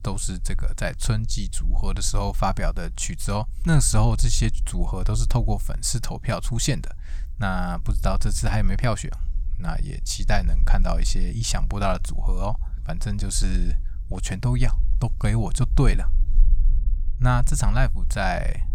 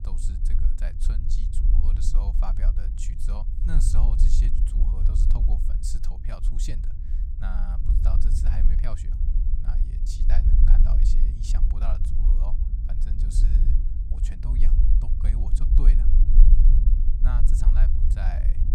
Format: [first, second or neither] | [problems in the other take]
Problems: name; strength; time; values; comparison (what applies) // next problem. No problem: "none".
first | low rumble; loud; throughout; 2 dB below the speech; faint in the first